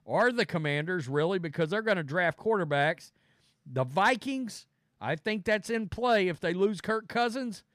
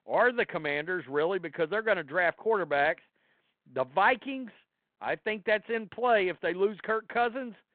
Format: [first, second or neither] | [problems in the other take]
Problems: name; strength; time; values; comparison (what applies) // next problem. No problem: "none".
first | phone-call audio; nothing above 4 kHz